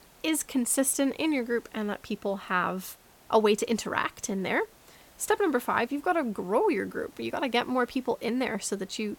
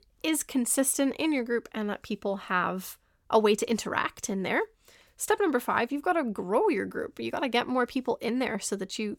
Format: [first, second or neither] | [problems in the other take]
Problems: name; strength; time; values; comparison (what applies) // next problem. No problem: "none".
second | hiss; faint; throughout; 25 dB below the speech